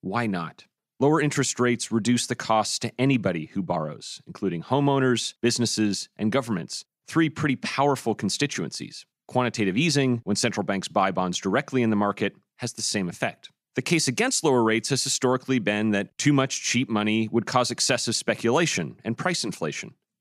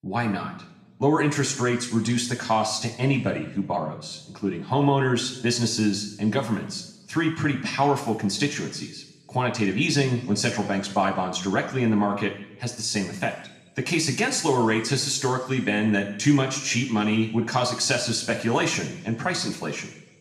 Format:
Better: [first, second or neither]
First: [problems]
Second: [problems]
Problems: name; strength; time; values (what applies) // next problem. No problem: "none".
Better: first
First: none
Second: room echo; slight; dies away in 0.8 s // off-mic speech; somewhat distant